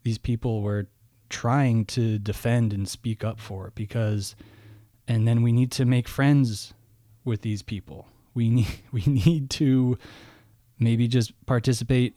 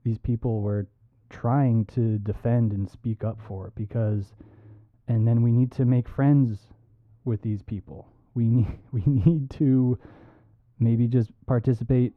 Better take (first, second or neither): first